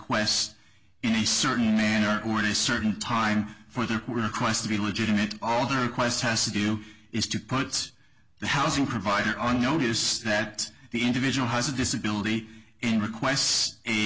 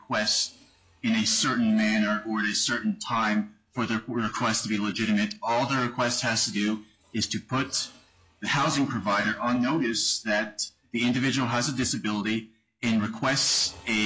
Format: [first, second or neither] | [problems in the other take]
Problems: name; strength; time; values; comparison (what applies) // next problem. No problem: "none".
first | noise reduction (classical method log-MMSE)